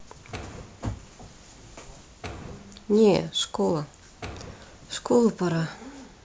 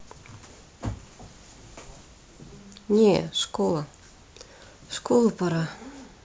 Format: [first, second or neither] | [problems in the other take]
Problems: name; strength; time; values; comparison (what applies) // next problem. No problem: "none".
second | background sound (Door); 17 dB below the speech